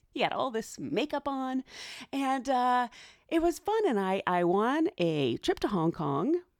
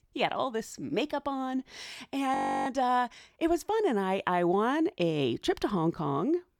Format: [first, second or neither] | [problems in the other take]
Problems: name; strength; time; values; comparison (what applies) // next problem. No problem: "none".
first | audio freezing; at 2.5 s